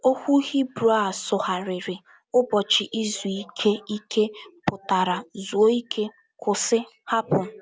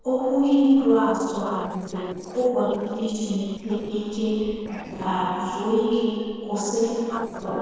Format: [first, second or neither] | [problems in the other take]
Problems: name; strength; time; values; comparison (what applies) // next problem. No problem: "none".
first | noise reduction (neural separator model SepFormer DNS4)